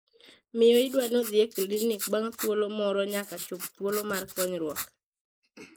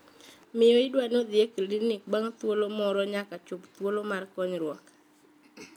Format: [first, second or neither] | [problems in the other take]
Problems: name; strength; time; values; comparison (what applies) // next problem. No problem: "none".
second | noise reduction (neural mask model Resemble Enhance denoiser)